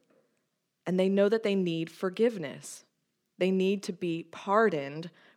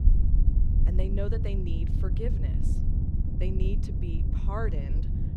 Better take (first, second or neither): first